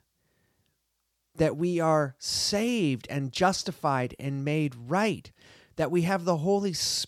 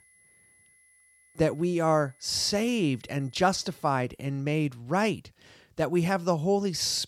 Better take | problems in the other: first | high-pitched whine; faint; until 4 s; 2 kHz, 30 dB below the speech

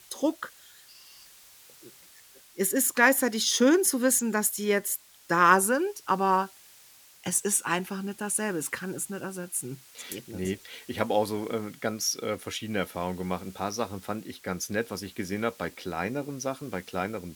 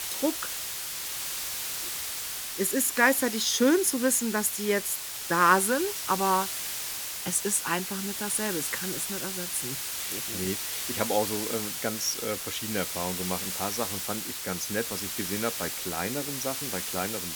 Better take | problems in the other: first | hiss; loud; throughout; 3 dB below the speech; faint in the first

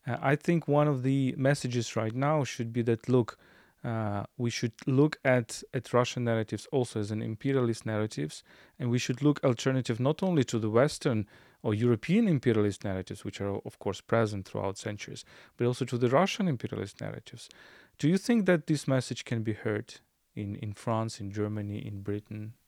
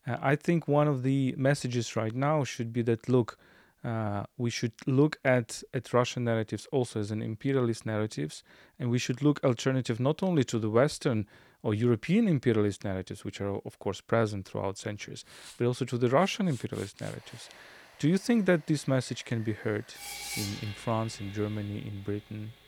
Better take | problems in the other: first | machinery noise; noticeable; from 15 s on; 15 dB below the speech

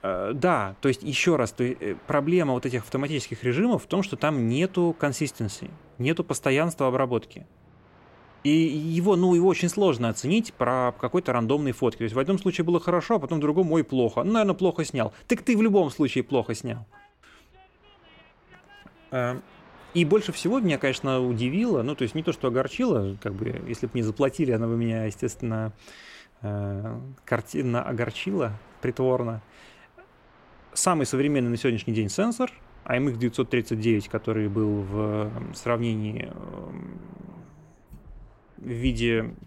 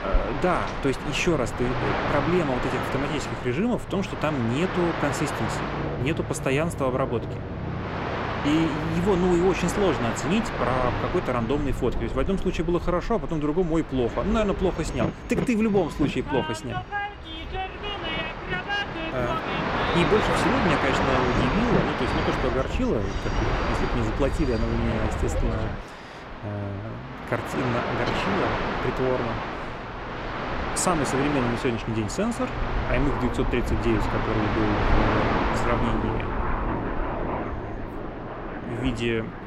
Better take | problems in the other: first | train or aircraft noise; loud; throughout; 2 dB below the speech; faint in the first

